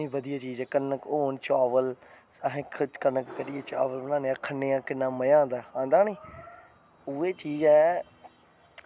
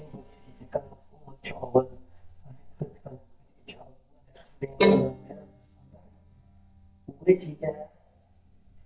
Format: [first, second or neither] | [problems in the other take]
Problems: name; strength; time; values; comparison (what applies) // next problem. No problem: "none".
first | noise reduction (neural mask model DeepFilterNet 3)